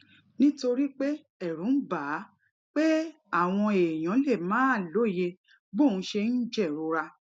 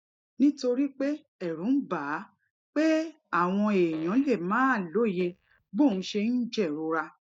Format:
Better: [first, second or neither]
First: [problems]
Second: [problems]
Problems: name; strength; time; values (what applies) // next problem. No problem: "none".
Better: first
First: none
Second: noise reduction (neural mask model DeepFilterNet 3)